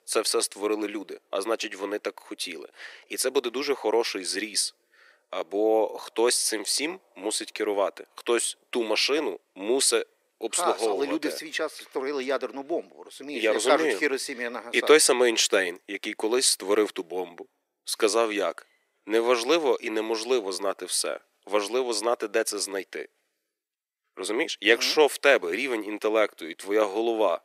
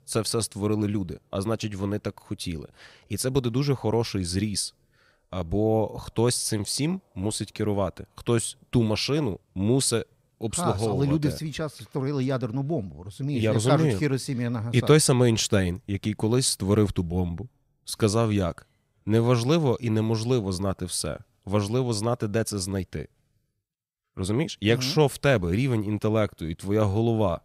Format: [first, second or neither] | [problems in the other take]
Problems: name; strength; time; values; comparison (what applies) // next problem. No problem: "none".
second | thin; very; fading below 350 Hz